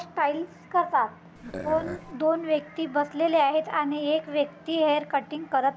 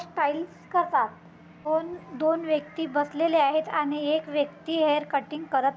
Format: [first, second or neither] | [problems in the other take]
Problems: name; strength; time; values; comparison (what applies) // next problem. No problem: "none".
second | background sound (Burping, eructation); 11 dB below the speech